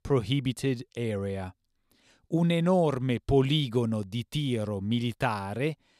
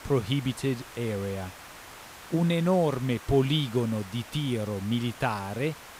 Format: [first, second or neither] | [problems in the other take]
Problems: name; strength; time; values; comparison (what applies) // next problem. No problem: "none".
first | hiss; noticeable; throughout; 15 dB below the speech